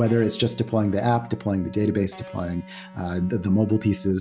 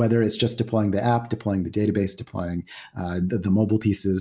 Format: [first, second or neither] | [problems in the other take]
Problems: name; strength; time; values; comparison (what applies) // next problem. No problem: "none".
second | background sound (Electric guitar); 18 dB below the speech